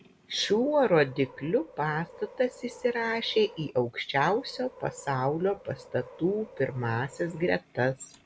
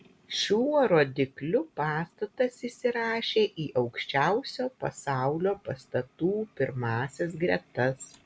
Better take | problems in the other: second | background sound (Subway, metro, underground); 20 dB below the speech

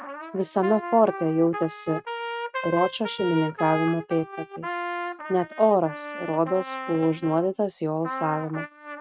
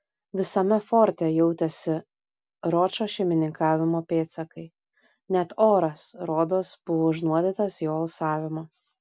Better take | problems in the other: second | noise reduction (neural mask model RNNoise)

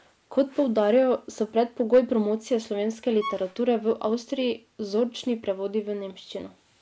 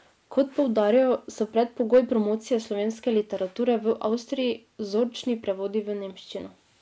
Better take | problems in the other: second | background sound (Bowed string instrument); 15 dB below the speech

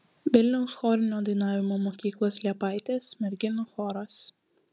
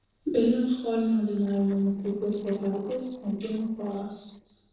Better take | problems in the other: first | noise reduction (neural separator model SepFormer DNS4)

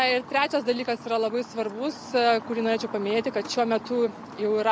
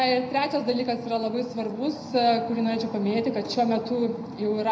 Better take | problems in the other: first | room echo; dies away in 0.7 s

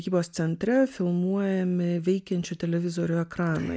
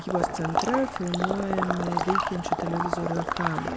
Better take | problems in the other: first | background sound (Water / Liquid); 1 dB above the speech

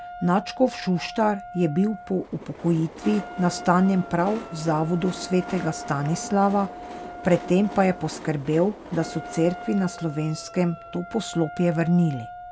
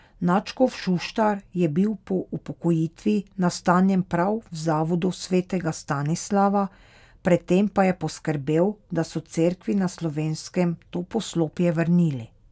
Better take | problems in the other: second | background sound (Wind instrument, woodwind instrument + Train); 13 dB below the speech

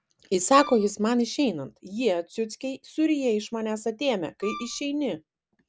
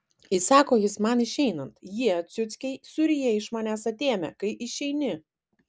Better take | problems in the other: second | background sound (Wind instrument, woodwind instrument); 14 dB below the speech

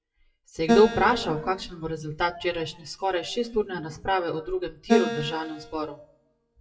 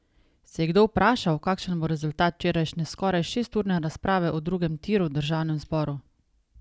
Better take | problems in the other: second | noise reduction (classical method WPE with log-MMSE)

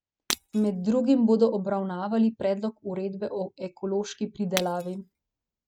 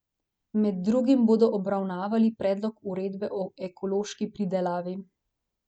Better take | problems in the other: second | noise reduction (neural mask model RNNoise)

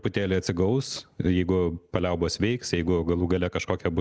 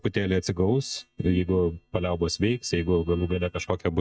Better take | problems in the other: first | noise reduction (neural mask model DeepFilterNet 3)

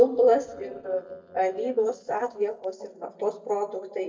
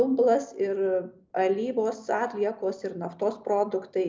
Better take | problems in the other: second | noise reduction (neural mask model DeepFilterNet 3)

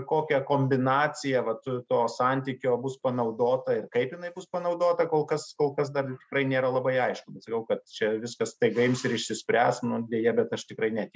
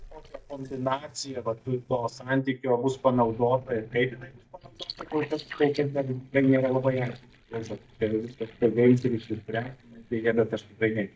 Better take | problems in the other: first | noise reduction (neural mask model DeepFilterNet 3)

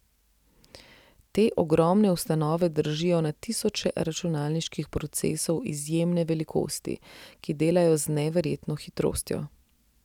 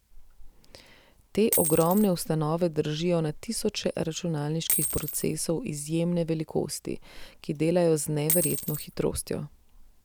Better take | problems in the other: first | background sound (Coin (dropping)); 8 dB below the speech

